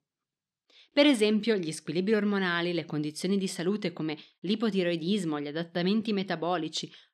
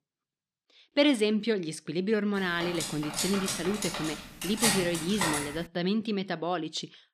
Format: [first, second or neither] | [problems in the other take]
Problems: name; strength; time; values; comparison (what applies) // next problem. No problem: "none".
first | clattering dishes; loud; from 2.5 to 5.5 s; peak 4 dB above the speech